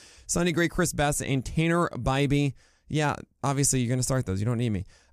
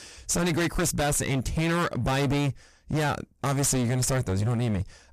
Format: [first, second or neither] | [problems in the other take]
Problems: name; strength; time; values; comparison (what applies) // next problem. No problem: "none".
first | distortion; heavy; 29% of the sound clipped